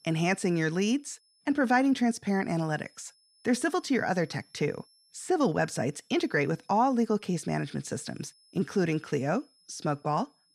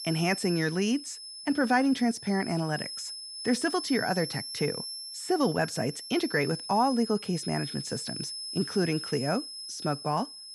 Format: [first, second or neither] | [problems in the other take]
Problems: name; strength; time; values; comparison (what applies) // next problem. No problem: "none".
first | high-pitched whine; loud; throughout; 5 kHz, 8 dB below the speech; faint in the first